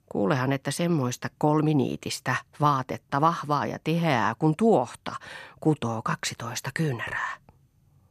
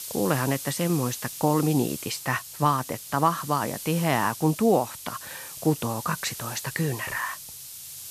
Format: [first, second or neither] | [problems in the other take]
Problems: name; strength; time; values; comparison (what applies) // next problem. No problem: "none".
first | hiss; loud; throughout; 10 dB below the speech